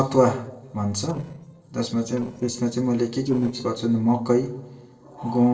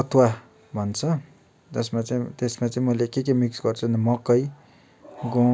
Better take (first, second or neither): second